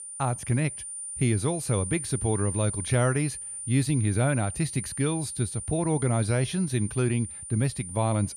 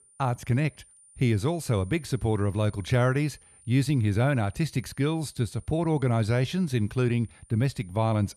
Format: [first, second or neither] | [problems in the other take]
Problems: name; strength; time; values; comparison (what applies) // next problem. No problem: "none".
second | high-pitched whine; loud; throughout; 9 kHz, 7 dB below the speech; faint in the second